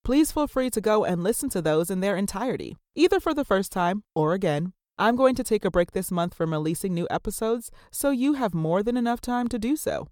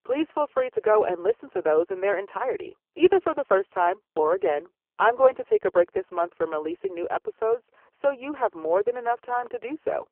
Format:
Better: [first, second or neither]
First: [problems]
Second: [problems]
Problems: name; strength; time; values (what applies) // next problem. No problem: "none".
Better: first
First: none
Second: phone-call audio; poor line